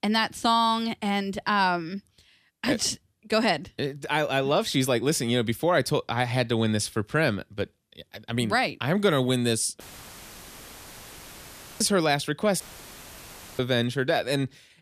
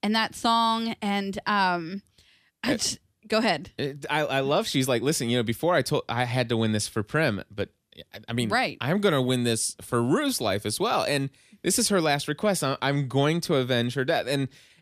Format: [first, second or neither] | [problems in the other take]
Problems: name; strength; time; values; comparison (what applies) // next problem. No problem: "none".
second | audio cutting out; filled with static; at 10 s for 2 s and at 13 s for 1 s